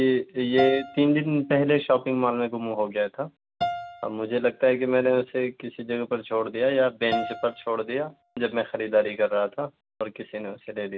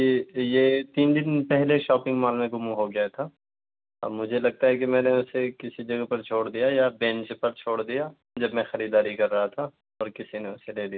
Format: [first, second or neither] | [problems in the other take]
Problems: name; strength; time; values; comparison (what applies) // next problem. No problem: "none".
second | background sound (Piano); 12 dB below the speech